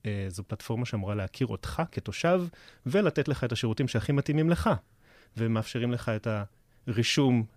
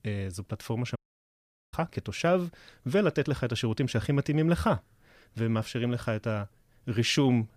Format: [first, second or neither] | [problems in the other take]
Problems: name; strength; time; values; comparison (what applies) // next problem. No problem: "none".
first | audio cutting out; at 1 s for 1 s